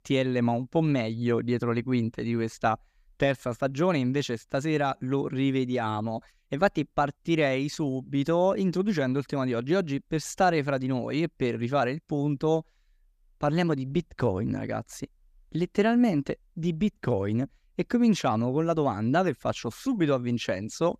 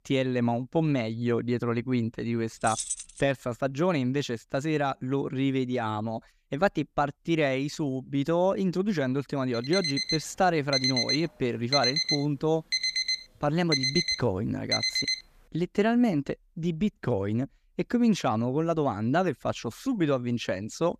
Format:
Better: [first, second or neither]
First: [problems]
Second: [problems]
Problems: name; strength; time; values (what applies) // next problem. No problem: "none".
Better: first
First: none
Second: jangling keys; noticeable; at 2.5 s; peak 3 dB below the speech // alarm; loud; from 9.5 to 15 s; peak 4 dB above the speech